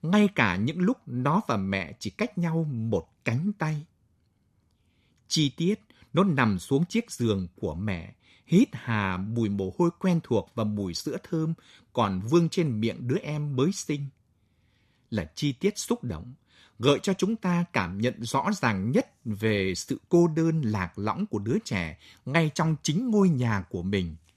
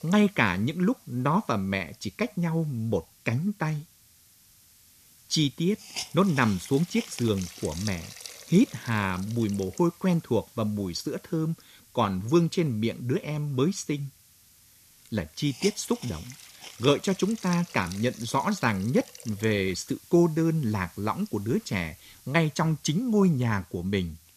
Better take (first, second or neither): first